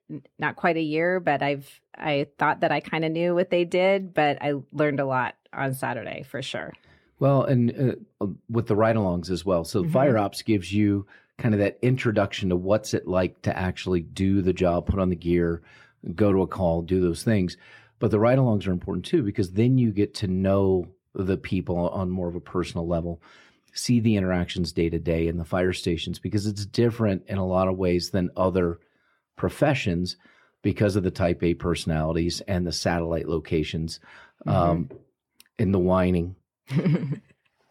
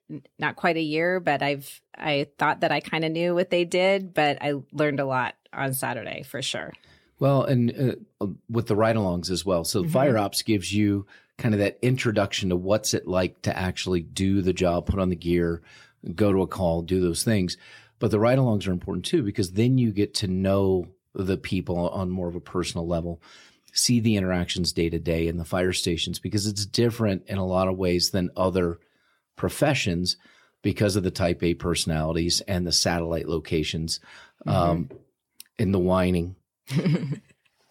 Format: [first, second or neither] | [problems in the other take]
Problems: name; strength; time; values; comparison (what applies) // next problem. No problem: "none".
second | muffled; slightly; fading above 3 kHz